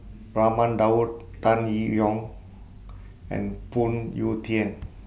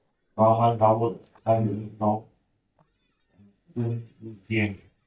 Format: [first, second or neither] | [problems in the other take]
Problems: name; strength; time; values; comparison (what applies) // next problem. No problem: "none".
first | noise reduction (neural mask model DeepFilterNet 3)